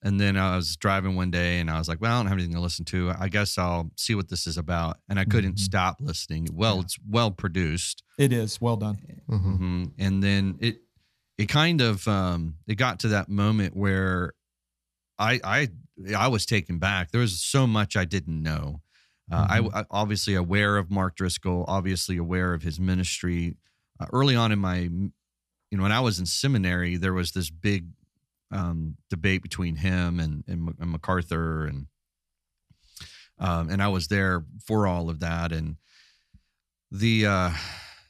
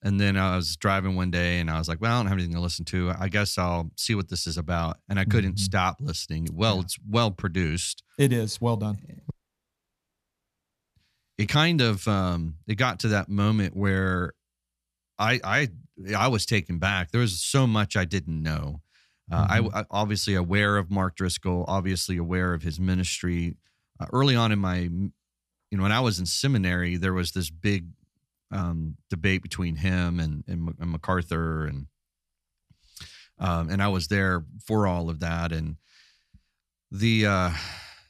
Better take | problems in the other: first | audio cutting out; at 9.5 s for 1.5 s

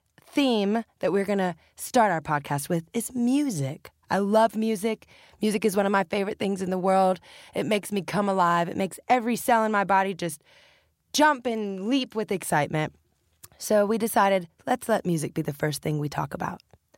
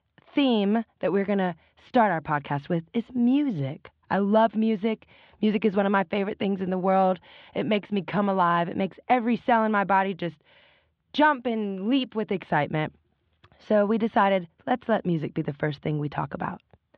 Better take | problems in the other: first | muffled; very; fading above 3.5 kHz

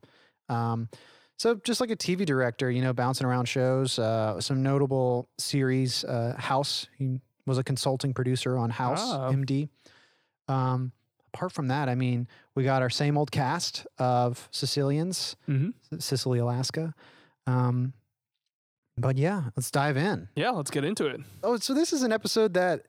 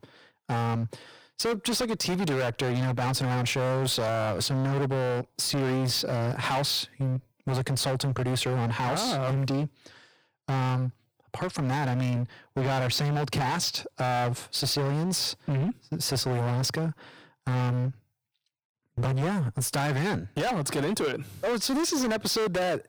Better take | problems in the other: first | distortion; heavy; 28% of the sound clipped

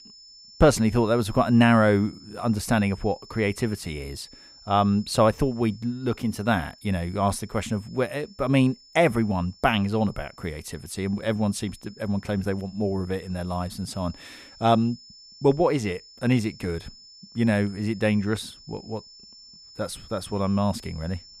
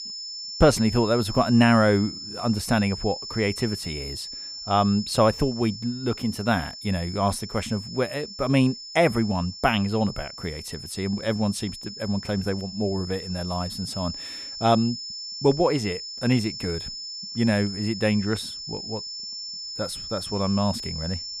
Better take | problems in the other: first | high-pitched whine; loud; throughout; 5.5 kHz, 9 dB below the speech; faint in the first

